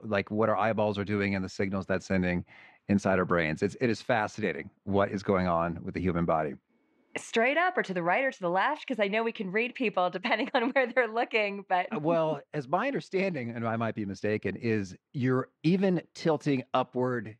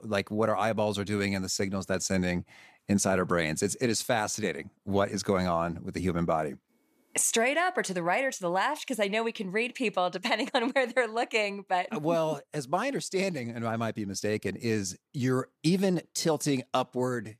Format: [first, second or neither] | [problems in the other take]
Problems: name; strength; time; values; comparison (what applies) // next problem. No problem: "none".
second | muffled; slightly; fading above 2.5 kHz